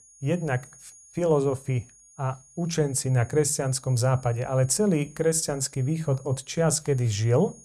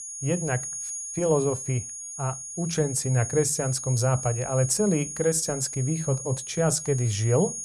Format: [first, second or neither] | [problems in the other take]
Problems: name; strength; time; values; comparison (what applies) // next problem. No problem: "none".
first | high-pitched whine; loud; throughout; 6.5 kHz, 7 dB below the speech; faint in the first